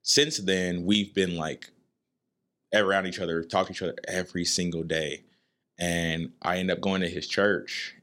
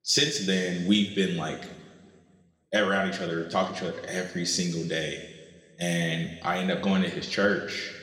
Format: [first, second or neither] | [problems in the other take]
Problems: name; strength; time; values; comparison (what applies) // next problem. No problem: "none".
first | room echo; slight; dies away in 1.5 s // off-mic speech; somewhat distant